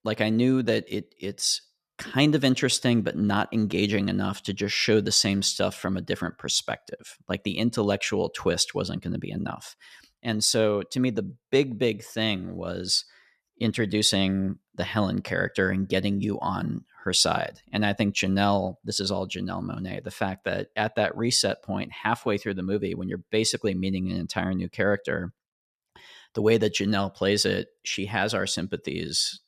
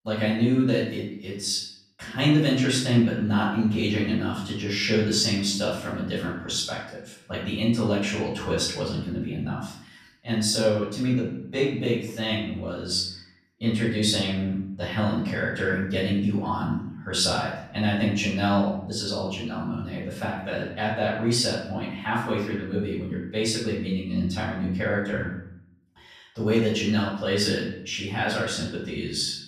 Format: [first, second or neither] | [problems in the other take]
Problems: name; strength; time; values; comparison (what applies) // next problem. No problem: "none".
first | off-mic speech; far // room echo; noticeable; dies away in 0.6 s